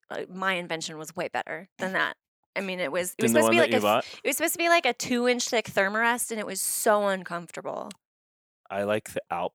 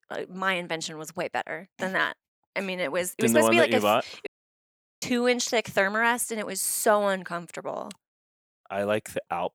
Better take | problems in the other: first | audio cutting out; at 4.5 s for 1 s

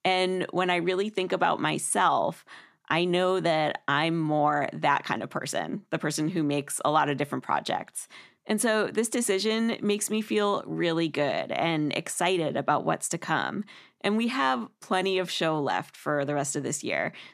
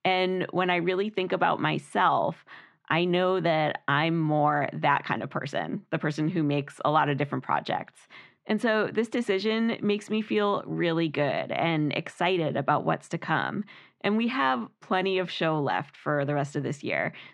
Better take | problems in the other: first | muffled; slightly; fading above 3 kHz

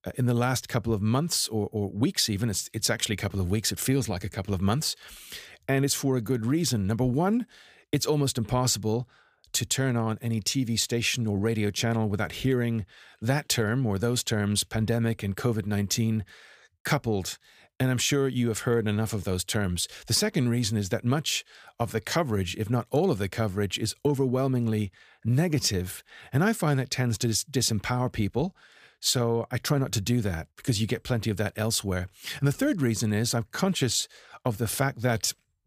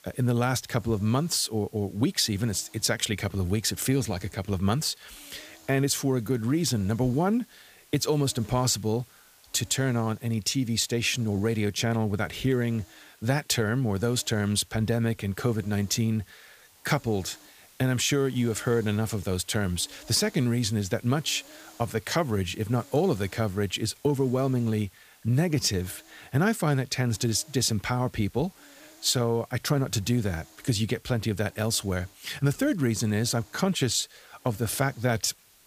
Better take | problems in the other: first | hiss; faint; throughout; 25 dB below the speech

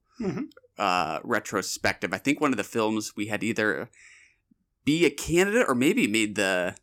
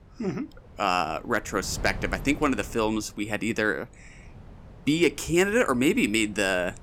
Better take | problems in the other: first | wind noise on the microphone; occasional gusts; 25 dB below the speech

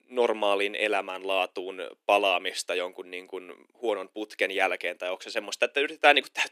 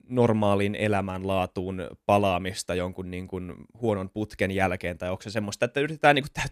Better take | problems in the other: second | thin; somewhat; fading below 350 Hz

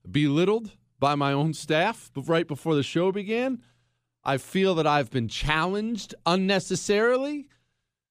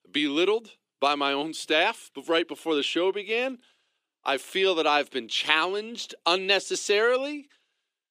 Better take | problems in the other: first | thin; somewhat; fading below 350 Hz

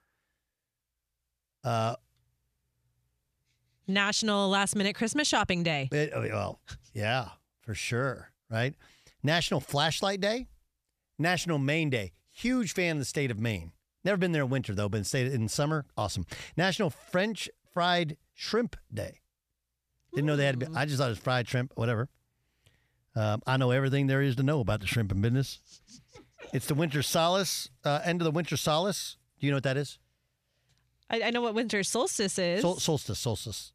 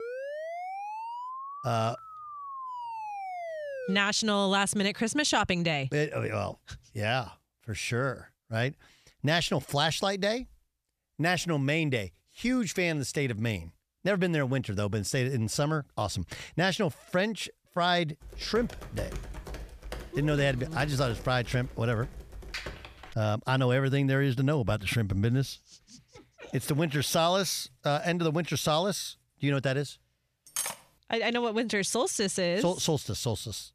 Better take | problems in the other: first | siren; noticeable; until 4 s; peak 8 dB below the speech // keyboard typing; noticeable; from 18 to 23 s; peak 9 dB below the speech // clattering dishes; noticeable; at 31 s; peak 4 dB below the speech

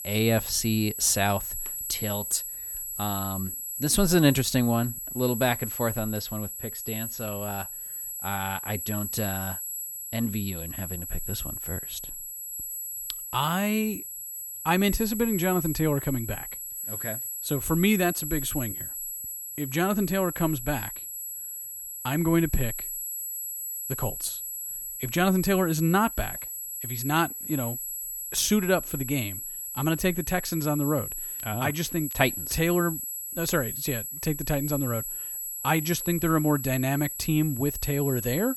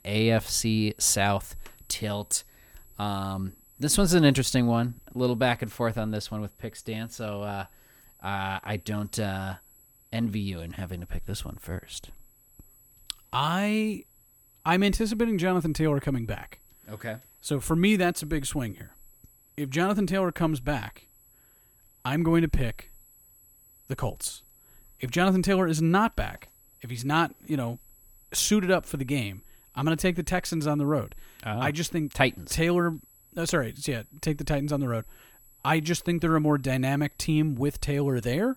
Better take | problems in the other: second | high-pitched whine; loud; throughout; 11.5 kHz, 5 dB below the speech; faint in the second

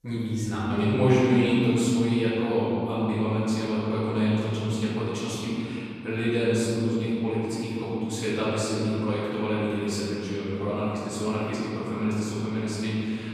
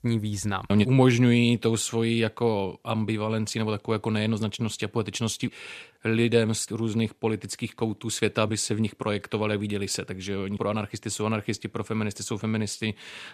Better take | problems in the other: second | room echo; strong; dies away in 2.7 s // off-mic speech; far

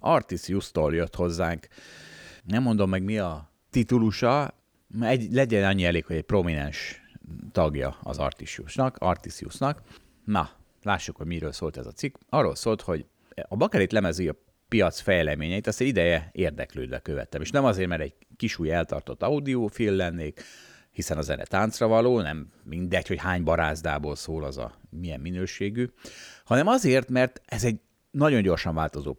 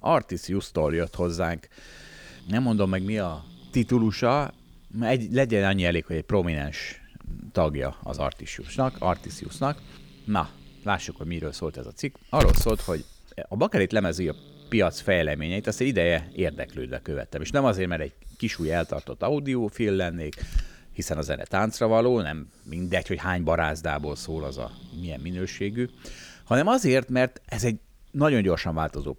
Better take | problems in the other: first | hiss; noticeable; throughout; 10 dB below the speech

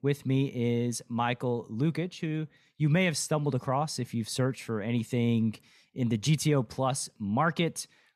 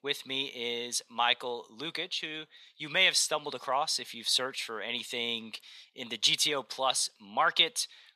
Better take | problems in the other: first | thin; very; fading below 700 Hz

